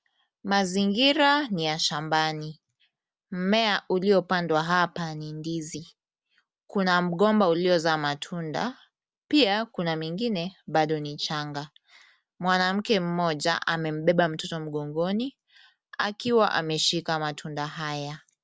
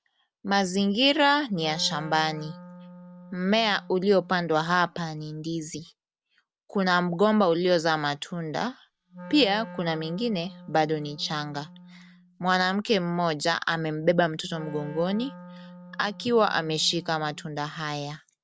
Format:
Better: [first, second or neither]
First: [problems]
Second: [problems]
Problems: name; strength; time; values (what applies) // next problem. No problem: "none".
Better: first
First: none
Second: background sound (Wind instrument, woodwind instrument); 17 dB below the speech